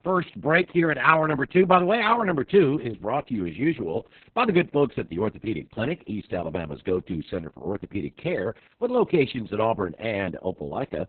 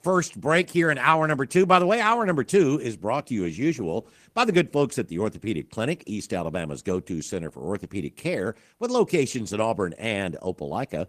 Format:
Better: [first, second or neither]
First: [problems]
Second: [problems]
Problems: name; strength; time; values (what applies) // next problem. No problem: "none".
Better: second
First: garbled, watery; badly; nothing above 4 kHz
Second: garbled, watery; slightly; nothing above 14.5 kHz